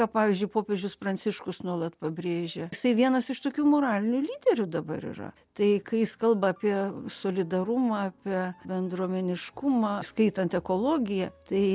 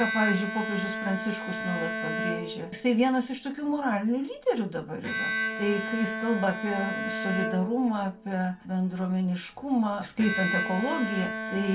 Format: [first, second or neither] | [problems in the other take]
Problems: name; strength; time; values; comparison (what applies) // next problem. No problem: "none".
first | background sound (Bowed string instrument); 5 dB below the speech // room echo; dies away in 0.3 s